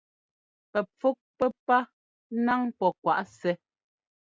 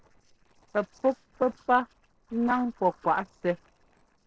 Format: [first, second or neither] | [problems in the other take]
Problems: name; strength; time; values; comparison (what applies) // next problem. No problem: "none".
first | noise reduction (neural separator model SepFormer DNS4)